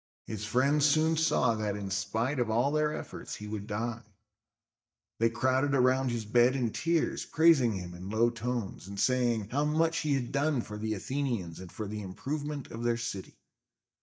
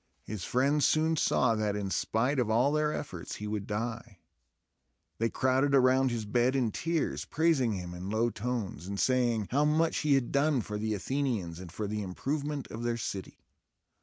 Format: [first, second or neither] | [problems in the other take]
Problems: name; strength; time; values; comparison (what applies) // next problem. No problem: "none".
second | noise reduction (neural mask model DeepFilterNet 3)